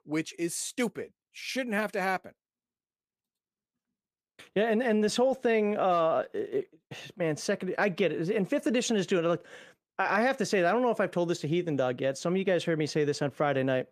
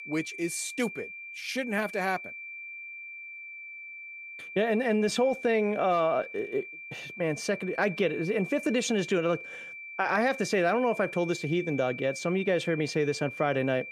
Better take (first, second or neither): first